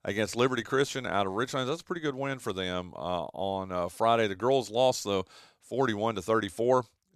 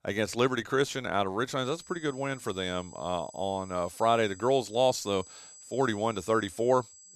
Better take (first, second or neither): first